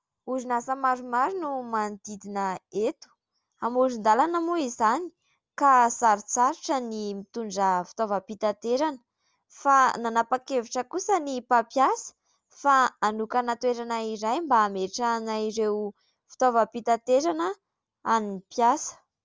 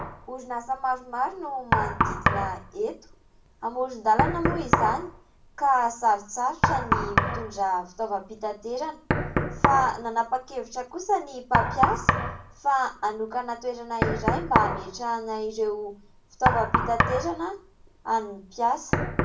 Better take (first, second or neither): first